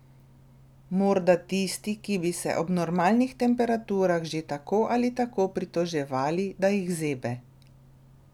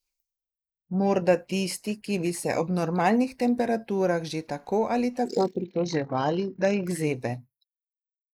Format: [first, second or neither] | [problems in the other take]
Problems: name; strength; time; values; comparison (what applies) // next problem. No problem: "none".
first | noise reduction (neural mask model Resemble Enhance denoiser)